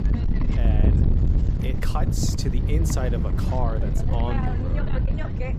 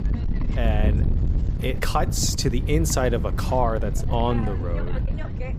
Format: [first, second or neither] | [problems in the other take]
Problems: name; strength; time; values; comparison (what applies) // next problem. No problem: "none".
second | wind noise on the microphone; heavy; 1 dB below the speech; occasional gusts in the second